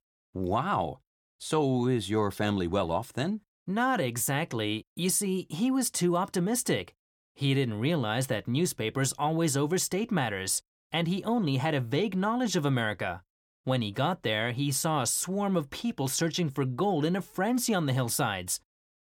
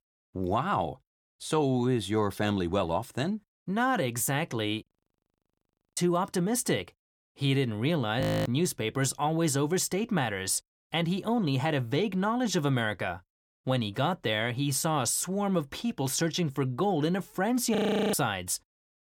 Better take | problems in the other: first | audio freezing; at 5 s for 1 s, at 8 s and at 18 s

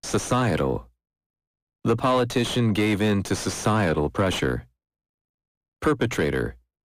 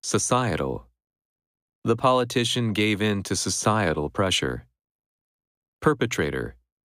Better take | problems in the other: second | distortion; heavy; 7 dB below the speech

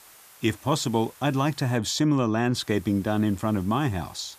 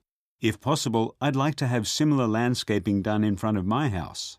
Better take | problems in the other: second | hiss; faint; until 2 s and from 2.5 s on; 25 dB below the speech

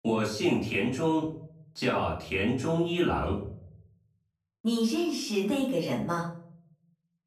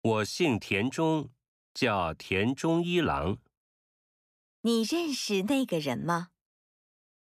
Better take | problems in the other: second | room echo; slight; dies away in 0.5 s // off-mic speech; far

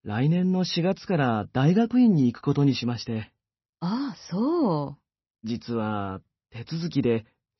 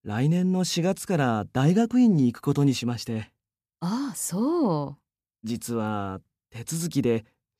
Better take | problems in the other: second | garbled, watery; slightly; nothing above 6 kHz

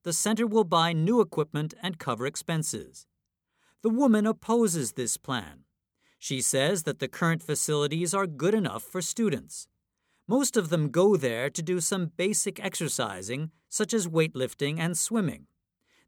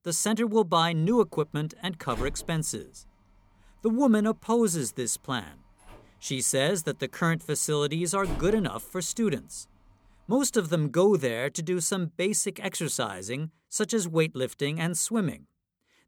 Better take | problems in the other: first | door banging; faint; from 2 to 8.5 s; peak 10 dB below the speech

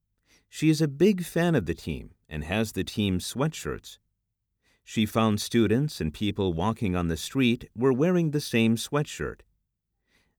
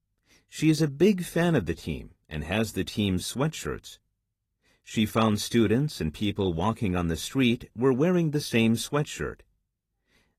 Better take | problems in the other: first | garbled, watery; slightly

